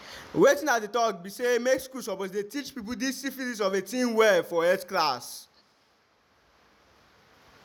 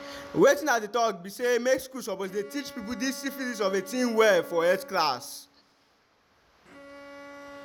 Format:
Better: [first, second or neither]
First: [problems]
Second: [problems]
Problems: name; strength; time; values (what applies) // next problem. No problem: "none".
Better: first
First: none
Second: background sound (Bowed string instrument); 19 dB below the speech